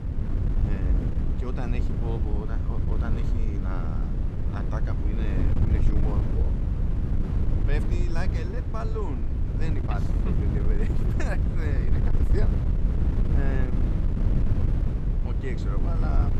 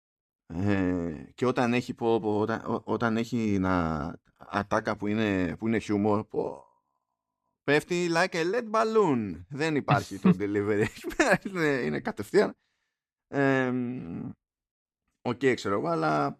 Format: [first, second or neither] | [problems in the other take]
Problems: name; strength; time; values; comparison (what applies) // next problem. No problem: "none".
second | wind noise on the microphone; heavy; as loud as the speech